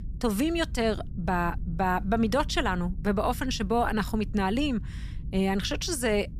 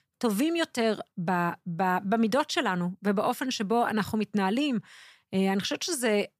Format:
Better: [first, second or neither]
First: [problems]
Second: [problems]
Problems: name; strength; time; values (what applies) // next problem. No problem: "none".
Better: second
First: low rumble; faint; throughout; 25 dB below the speech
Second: none